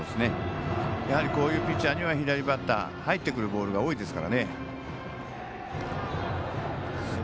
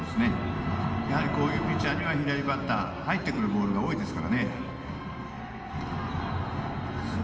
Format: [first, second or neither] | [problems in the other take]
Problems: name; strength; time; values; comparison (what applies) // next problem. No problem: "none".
first | room echo; dies away in 2 s